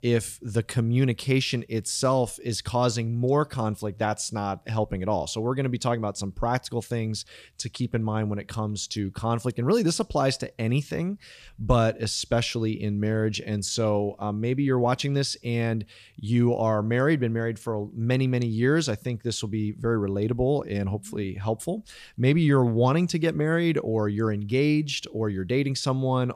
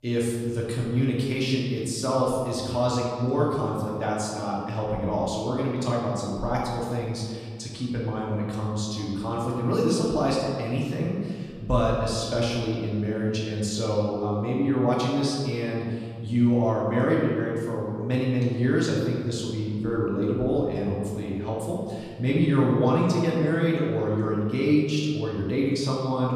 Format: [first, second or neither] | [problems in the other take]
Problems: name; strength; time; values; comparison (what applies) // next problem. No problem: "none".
first | room echo; noticeable; dies away in 1.7 s // off-mic speech; far